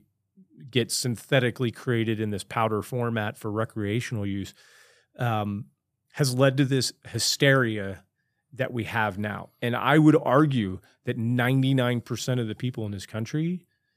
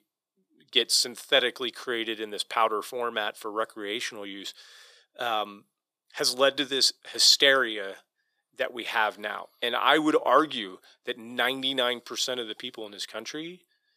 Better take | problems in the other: first | thin; very; fading below 400 Hz

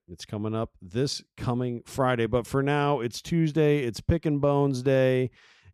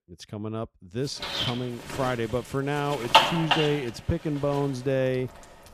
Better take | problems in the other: first | household noises; very loud; from 1 s on; 4 dB above the speech

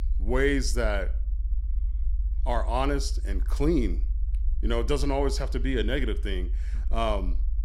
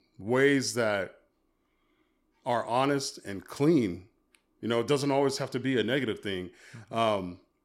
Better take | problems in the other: second | low rumble; faint; throughout; 25 dB below the speech

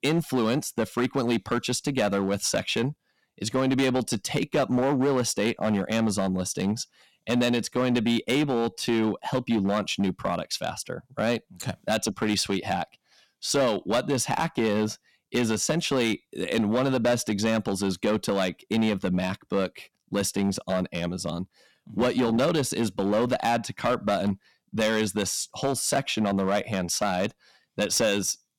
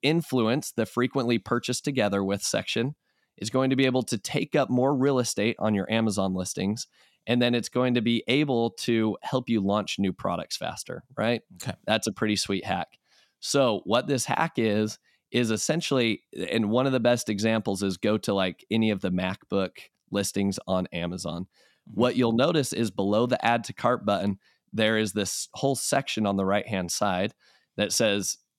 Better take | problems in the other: second | distortion; slight; 7% of the sound clipped

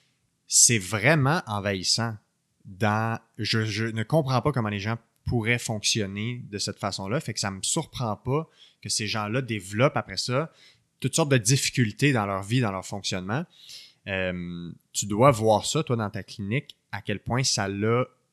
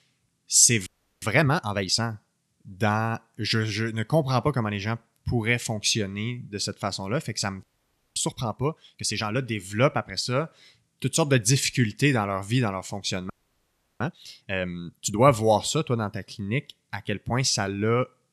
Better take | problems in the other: first | audio freezing; at 1 s, at 7.5 s for 0.5 s and at 13 s for 0.5 s

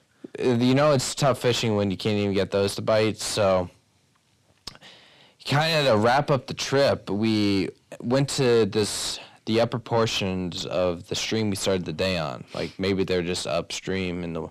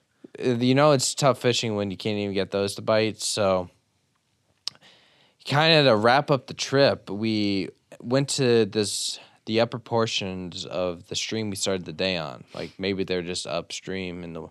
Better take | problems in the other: second | distortion; heavy; 7 dB below the speech

